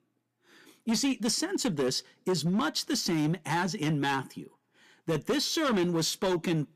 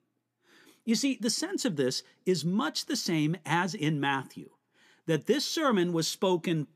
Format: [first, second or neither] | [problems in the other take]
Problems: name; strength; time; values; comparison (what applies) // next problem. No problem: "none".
second | distortion; slight; 10% of the sound clipped